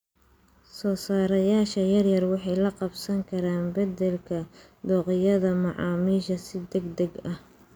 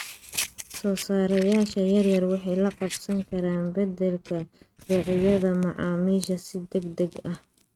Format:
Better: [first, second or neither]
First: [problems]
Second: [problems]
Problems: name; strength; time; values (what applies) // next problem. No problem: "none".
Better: first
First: none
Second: noise reduction (neural mask model RNNoise)